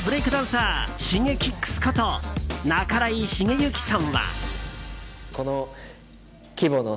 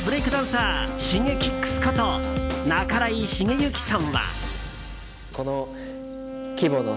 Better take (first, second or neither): first